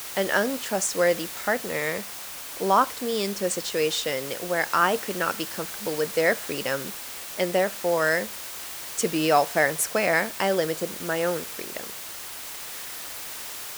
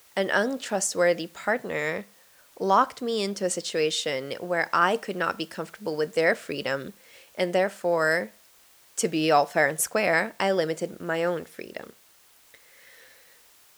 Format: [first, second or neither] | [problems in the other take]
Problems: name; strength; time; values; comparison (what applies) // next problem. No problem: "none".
second | hiss; loud; throughout; 8 dB below the speech; faint in the second